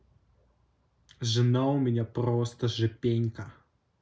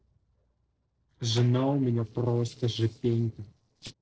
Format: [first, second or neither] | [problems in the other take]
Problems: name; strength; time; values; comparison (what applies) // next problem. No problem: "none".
first | noise reduction (neural separator model SepFormer DNS4)